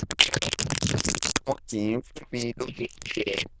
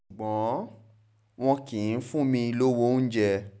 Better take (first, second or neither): second